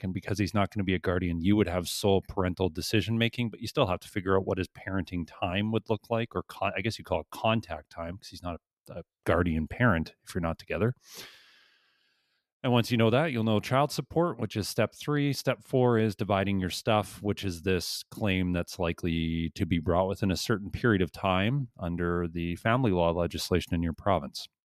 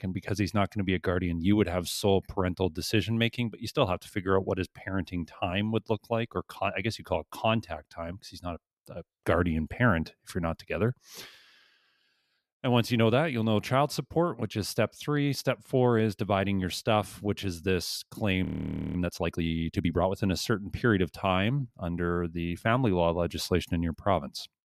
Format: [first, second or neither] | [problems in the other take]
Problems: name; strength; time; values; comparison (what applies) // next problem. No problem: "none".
first | audio freezing; at 18 s for 0.5 s